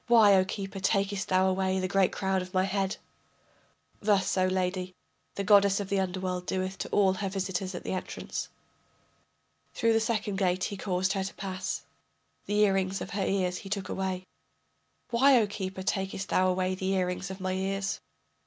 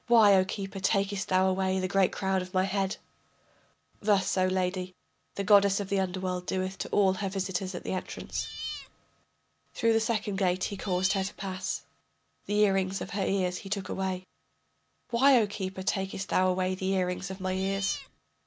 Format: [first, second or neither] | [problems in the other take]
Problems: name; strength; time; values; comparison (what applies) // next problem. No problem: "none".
first | background sound (Cat); 11 dB below the speech